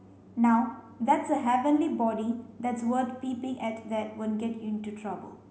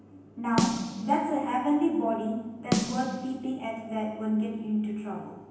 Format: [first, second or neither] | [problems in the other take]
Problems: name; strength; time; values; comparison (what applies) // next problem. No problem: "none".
first | background sound (Snare drum); 5 dB below the speech // room echo; dies away in 0.9 s